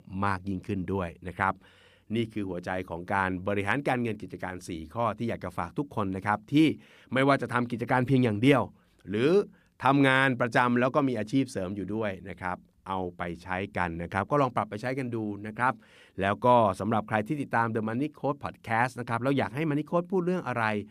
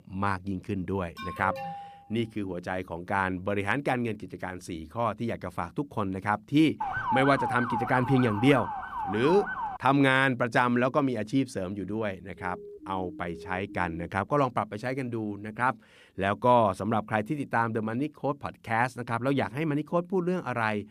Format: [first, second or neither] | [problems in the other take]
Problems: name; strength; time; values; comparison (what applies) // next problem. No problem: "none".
first | alarm; noticeable; at 1 s; peak 8 dB below the speech // siren; noticeable; from 7 to 10 s; peak 1 dB below the speech // siren; faint; from 12 to 14 s; peak 15 dB below the speech